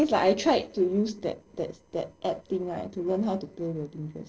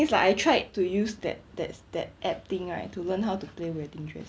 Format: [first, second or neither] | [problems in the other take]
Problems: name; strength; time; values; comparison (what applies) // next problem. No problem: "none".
second | noise reduction (neural separator model SepFormer DNS4)